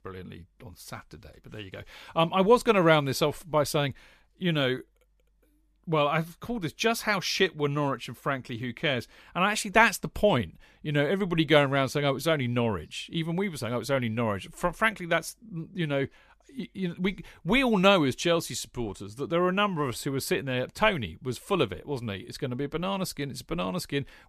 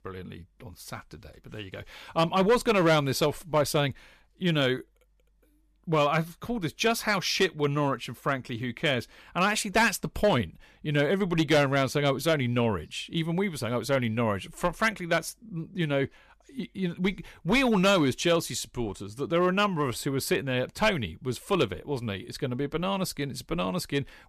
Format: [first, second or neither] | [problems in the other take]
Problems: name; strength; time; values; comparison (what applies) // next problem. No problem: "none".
first | distortion; slight; 2% of the sound clipped